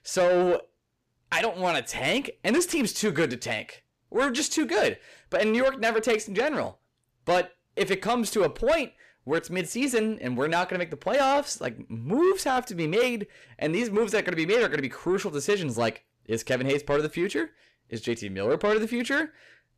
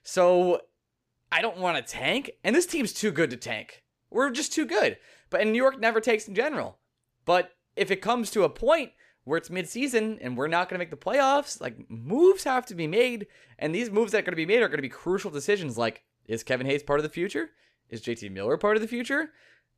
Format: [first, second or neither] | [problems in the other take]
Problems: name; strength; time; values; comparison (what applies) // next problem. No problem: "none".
second | distortion; slight; 10 dB below the speech